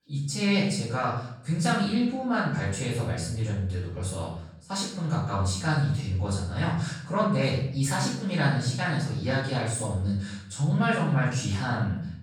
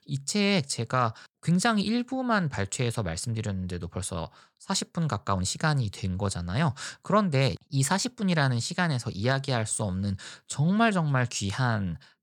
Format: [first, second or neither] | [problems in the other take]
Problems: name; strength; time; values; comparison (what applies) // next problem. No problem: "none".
second | off-mic speech; far // room echo; noticeable; dies away in 0.6 s